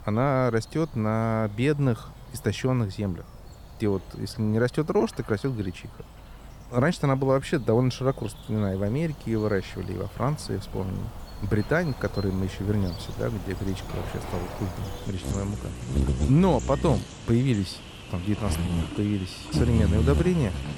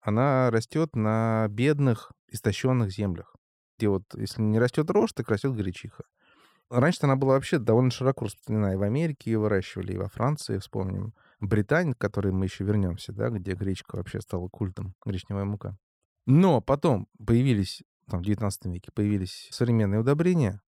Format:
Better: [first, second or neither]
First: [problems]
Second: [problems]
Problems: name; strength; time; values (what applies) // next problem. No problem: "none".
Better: second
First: animal sounds; loud; throughout; 7 dB below the speech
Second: none